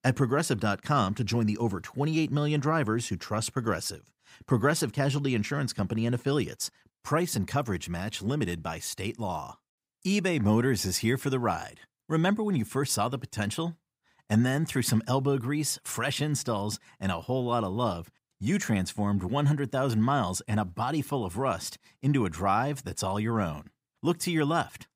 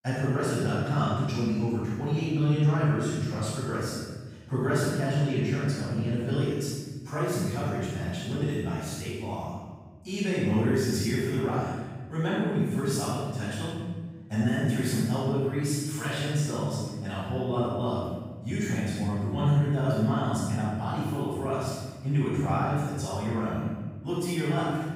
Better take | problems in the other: first | room echo; strong; dies away in 1.4 s // off-mic speech; far

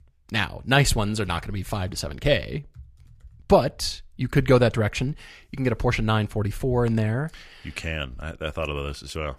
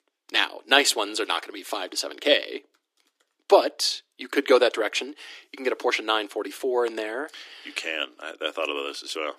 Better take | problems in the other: first | thin; very; fading below 300 Hz

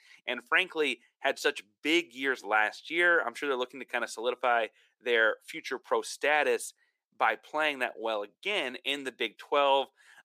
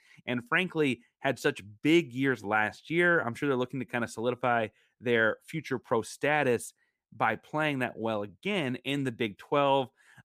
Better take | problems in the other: second | thin; somewhat; fading below 400 Hz

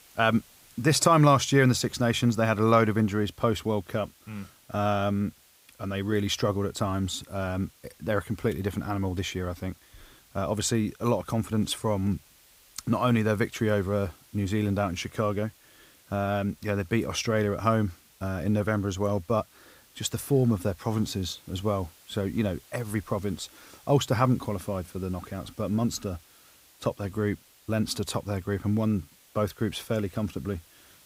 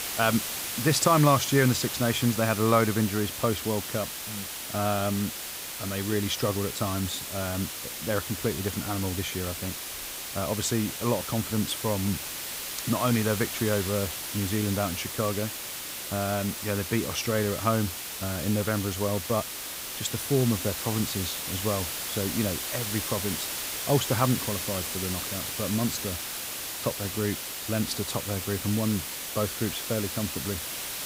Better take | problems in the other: first | hiss; loud; throughout; 3 dB below the speech; faint in the first

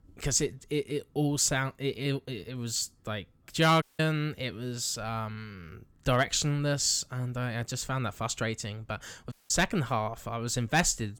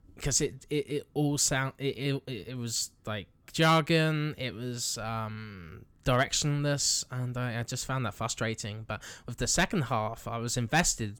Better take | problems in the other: second | audio cutting out; at 4 s and at 9.5 s

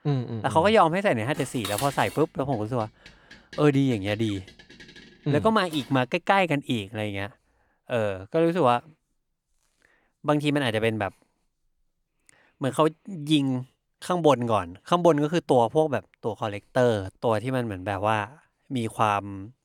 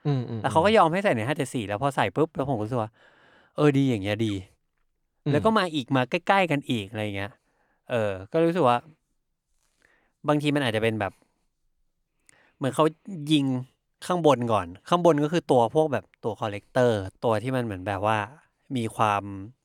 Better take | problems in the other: second | clattering dishes; noticeable; from 1.5 to 6 s; peak 7 dB below the speech

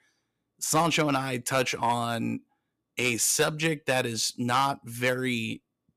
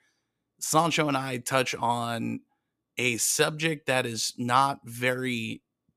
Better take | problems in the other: second | distortion; slight; 2% of the sound clipped

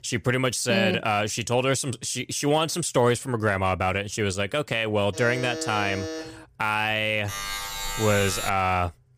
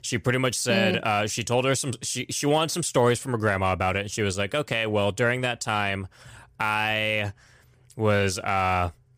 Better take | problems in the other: second | alarm; noticeable; from 5 to 6.5 s and from 7.5 to 8.5 s; peak 5 dB below the speech

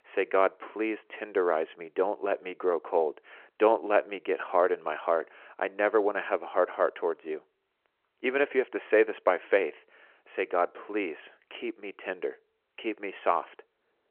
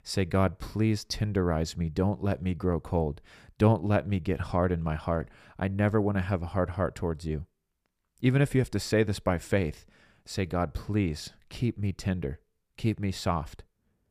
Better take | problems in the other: second | phone-call audio

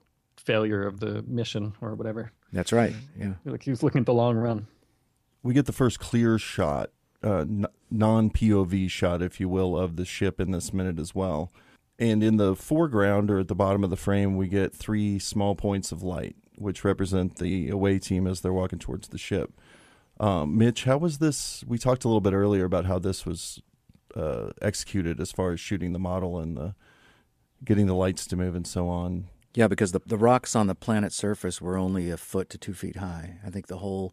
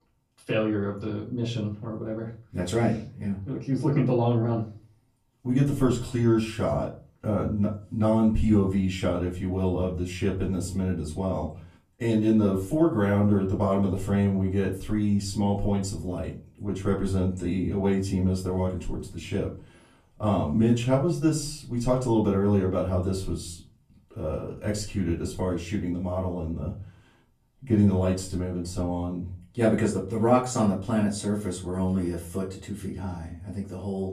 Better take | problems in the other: first | off-mic speech; far // room echo; slight; dies away in 0.3 s

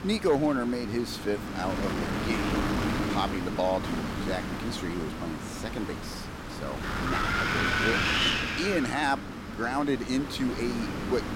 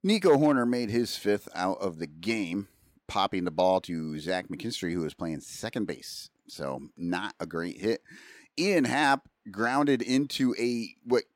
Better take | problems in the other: second | wind noise on the microphone; heavy; 1 dB above the speech

